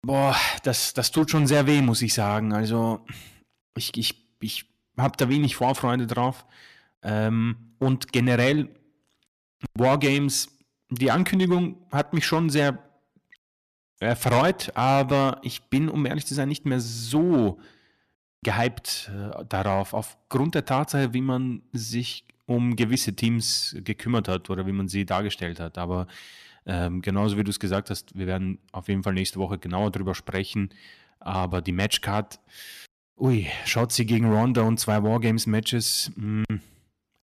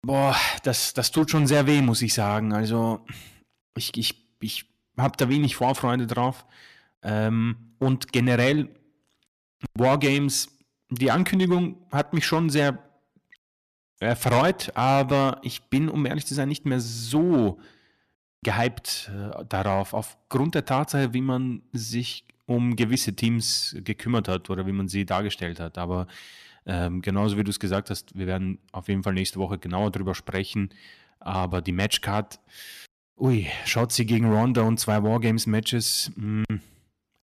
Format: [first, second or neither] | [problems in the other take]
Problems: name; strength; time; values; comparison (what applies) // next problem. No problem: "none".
neither | distortion; slight; 3% of the sound clipped; the same in both